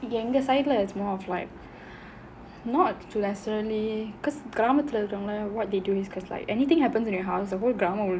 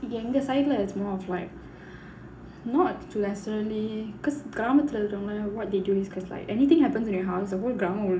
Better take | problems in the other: first | room echo; dies away in 0.4 s

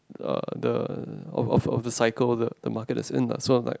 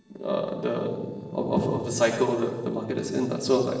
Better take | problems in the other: first | noise reduction (neural separator model SepFormer DNS4)

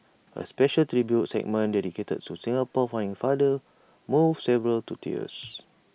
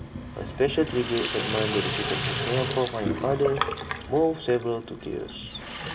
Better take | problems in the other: first | background sound (Sink (filling or washing) / Water tap, faucet); 4 dB below the speech // room echo; dies away in 1.6 s

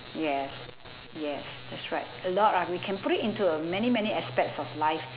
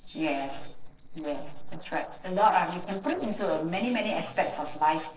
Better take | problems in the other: first | noise reduction (neural separator model SepFormer DNS4)

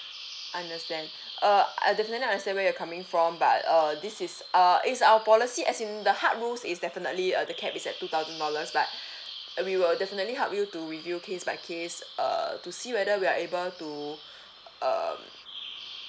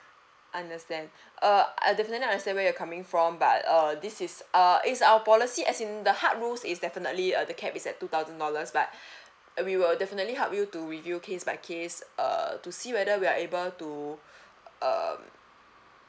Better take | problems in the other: second | background sound (Bird vocalization, bird call, bird song); 16 dB below the speech

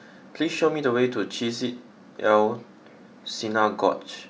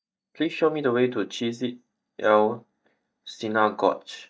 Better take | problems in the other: first | noise reduction (neural mask model DeepFilterNet 3)

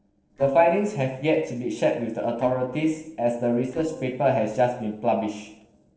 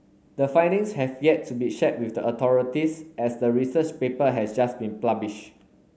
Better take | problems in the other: second | noise reduction (neural separator model SepFormer DNS4)

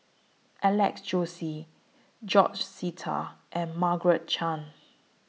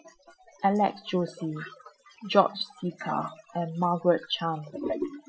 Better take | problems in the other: first | noise reduction (classical method Wiener filter)

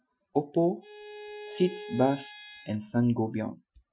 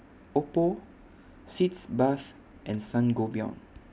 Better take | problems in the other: second | noise reduction (classical method Wiener filter)

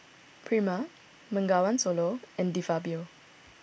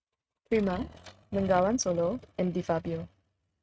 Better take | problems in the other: first | noise reduction (neural mask model RNNoise)

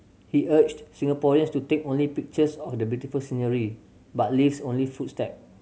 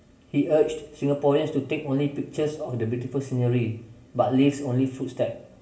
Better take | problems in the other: first | room echo; dies away in 0.7 s

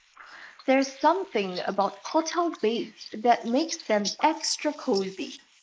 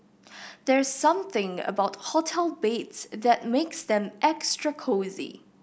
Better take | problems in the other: second | noise reduction (neural mask model Resemble Enhance denoiser)

